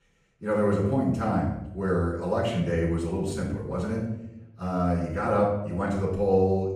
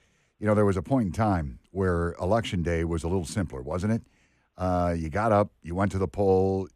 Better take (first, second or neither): second